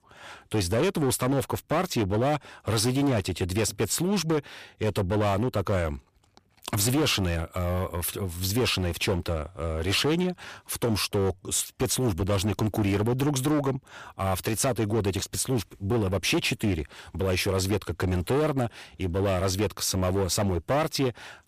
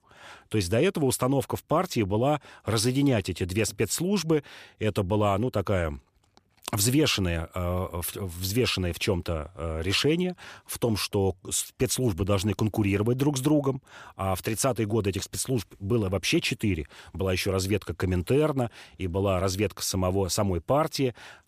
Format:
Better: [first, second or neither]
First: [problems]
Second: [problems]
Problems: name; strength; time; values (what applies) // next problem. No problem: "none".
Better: second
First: distortion; slight; 13% of the sound clipped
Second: none